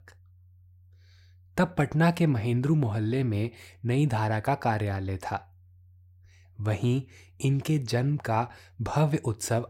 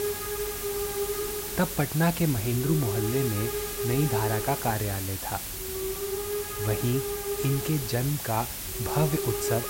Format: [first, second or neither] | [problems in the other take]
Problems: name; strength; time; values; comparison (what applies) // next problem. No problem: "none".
first | hiss; loud; throughout; 2 dB below the speech